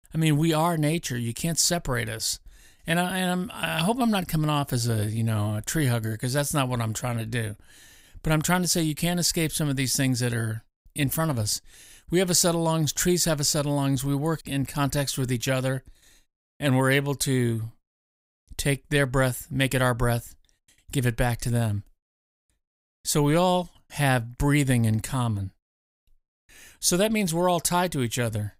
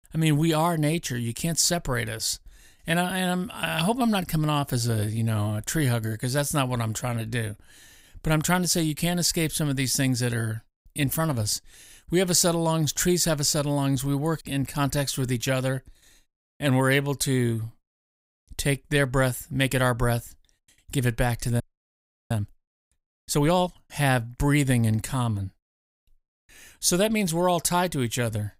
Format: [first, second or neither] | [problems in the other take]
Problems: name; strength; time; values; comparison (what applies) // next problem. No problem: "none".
first | audio freezing; at 22 s for 0.5 s